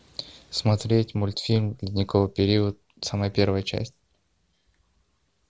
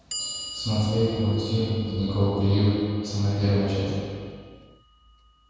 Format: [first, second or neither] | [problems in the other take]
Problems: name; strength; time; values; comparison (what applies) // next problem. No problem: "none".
first | background sound (Clock); 16 dB below the speech // room echo; dies away in 2.1 s